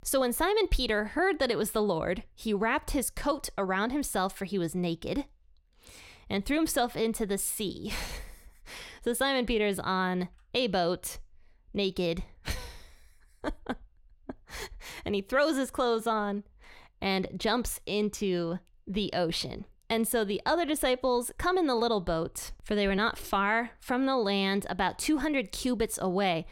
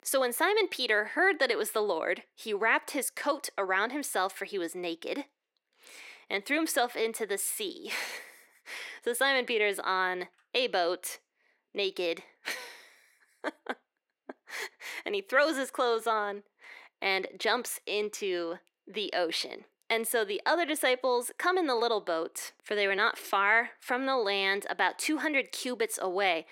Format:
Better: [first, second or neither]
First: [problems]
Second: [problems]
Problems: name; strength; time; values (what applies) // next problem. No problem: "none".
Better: first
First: none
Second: thin; somewhat; fading below 300 Hz